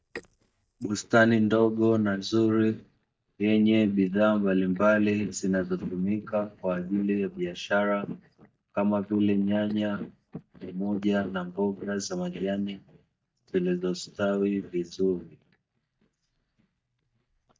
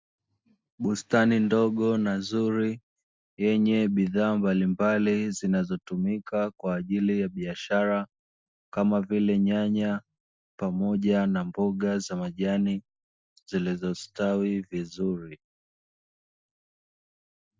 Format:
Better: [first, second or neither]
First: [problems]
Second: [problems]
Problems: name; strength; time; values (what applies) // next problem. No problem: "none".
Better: second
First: noise reduction (neural mask model DeepFilterNet 3)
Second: none